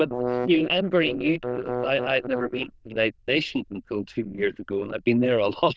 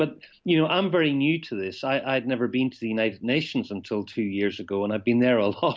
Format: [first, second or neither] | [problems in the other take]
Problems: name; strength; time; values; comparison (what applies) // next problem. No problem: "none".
second | noise reduction (neural diffusion model UNIVERSE++)